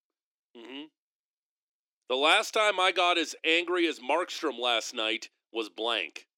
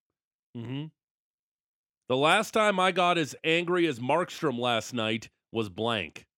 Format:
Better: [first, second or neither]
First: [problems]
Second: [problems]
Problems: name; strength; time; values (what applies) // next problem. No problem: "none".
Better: second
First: thin; somewhat; fading below 300 Hz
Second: none